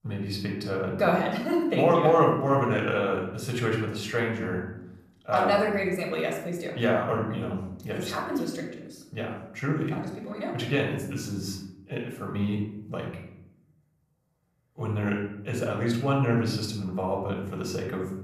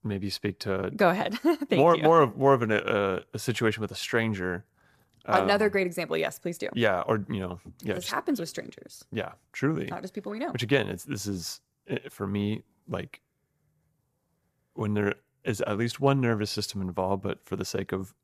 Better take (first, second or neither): second